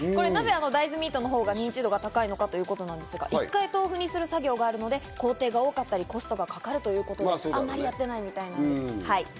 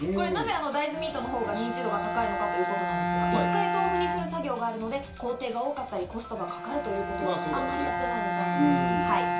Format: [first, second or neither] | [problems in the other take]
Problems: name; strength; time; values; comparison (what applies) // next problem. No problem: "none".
first | background sound (Bowed string instrument); as loud as the speech // room echo; dies away in 0.4 s